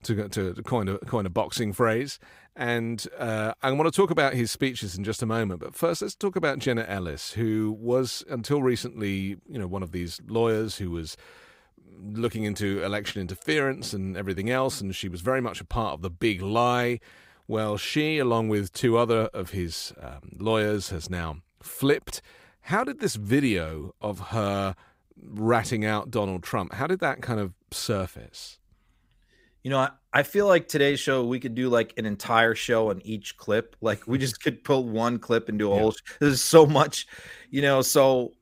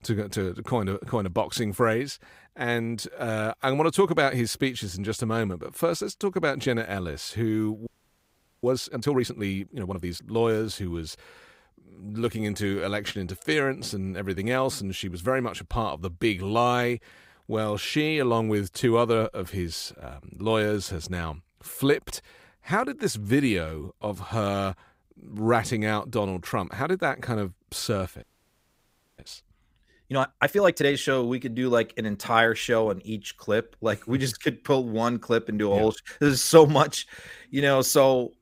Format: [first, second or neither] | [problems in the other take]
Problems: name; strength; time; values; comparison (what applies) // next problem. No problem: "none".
first | audio freezing; at 8 s for 1 s and at 28 s for 1 s